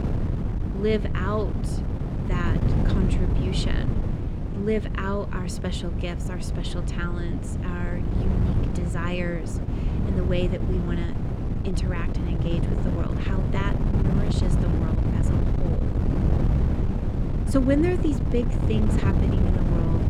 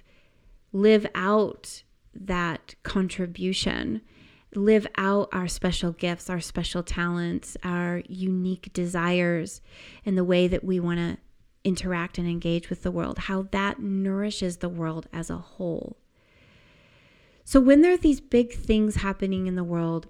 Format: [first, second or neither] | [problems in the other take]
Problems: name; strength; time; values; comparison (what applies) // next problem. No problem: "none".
second | wind noise on the microphone; heavy; 3 dB below the speech